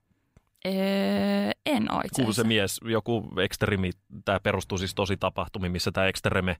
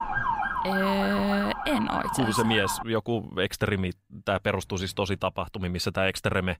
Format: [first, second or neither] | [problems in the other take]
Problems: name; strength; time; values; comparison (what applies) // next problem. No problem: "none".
first | siren; loud; until 3 s; peak 1 dB above the speech